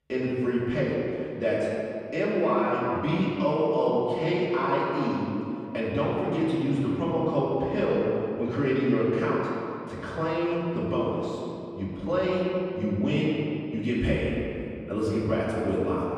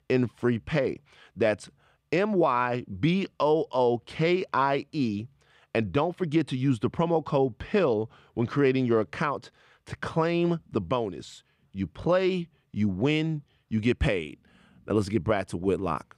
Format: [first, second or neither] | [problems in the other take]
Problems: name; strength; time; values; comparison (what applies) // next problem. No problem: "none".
second | off-mic speech; far // room echo; strong; dies away in 2.4 s